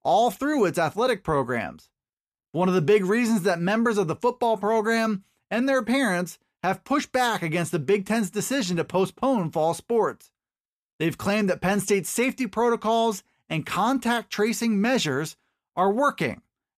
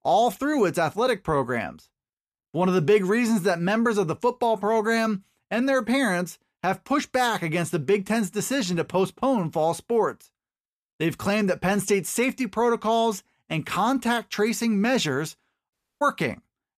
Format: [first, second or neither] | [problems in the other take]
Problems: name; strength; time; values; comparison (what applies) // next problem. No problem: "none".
first | audio cutting out; at 16 s